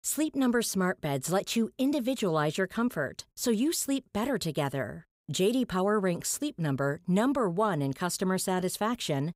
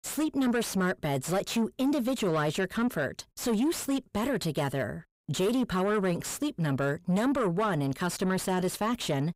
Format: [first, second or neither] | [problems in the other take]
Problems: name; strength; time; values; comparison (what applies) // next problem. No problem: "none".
first | distortion; slight; 10 dB below the speech